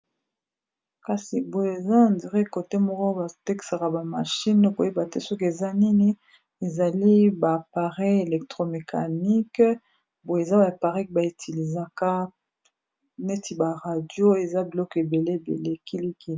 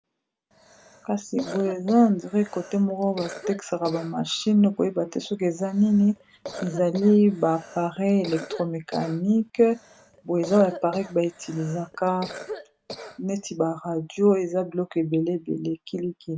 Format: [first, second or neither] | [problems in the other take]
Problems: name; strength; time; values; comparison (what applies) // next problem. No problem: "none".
first | background sound (Cough); 16 dB below the speech